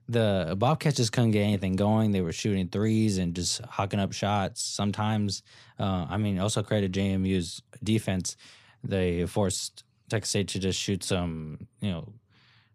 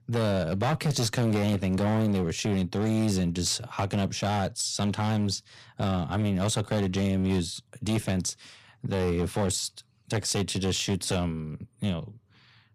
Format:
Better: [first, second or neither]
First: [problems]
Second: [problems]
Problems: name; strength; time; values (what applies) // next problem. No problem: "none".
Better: first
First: none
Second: distortion; slight; 12% of the sound clipped